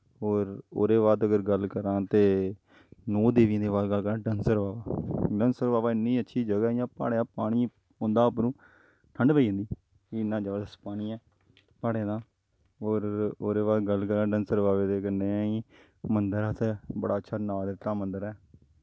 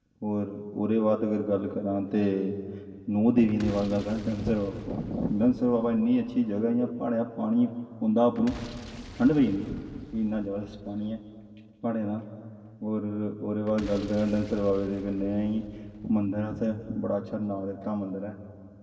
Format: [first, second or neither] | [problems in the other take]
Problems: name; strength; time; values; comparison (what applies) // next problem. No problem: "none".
first | background sound (Boom); 18 dB below the speech // room echo; dies away in 2.1 s